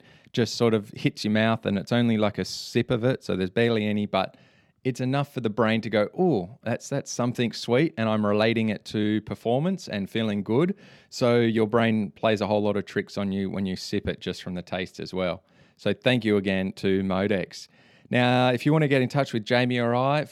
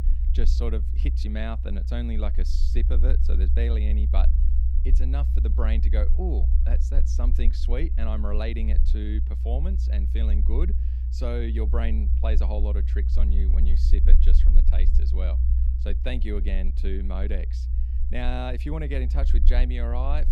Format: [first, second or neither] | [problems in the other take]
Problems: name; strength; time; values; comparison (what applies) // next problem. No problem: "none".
first | low rumble; loud; throughout; 8 dB below the speech